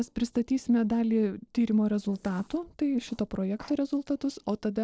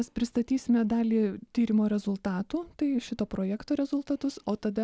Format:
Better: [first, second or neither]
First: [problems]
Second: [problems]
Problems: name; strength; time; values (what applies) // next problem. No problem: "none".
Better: second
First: noise reduction (neural separator model SepFormer DNS4)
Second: none